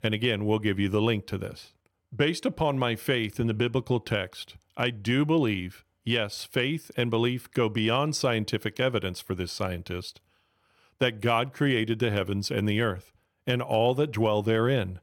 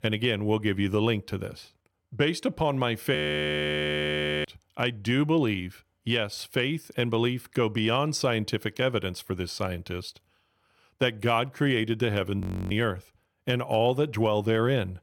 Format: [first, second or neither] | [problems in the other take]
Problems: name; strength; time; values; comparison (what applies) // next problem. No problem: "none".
first | audio freezing; at 3 s for 1.5 s and at 12 s